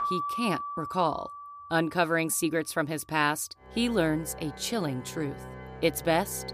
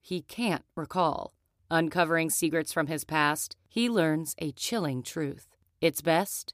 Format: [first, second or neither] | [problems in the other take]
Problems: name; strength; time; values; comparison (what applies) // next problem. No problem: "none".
second | background music; noticeable; throughout; 10 dB below the speech